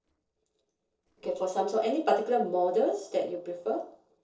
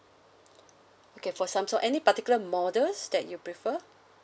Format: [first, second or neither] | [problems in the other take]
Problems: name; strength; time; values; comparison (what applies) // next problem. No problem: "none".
second | noise reduction (neural separator model SepFormer DNS4)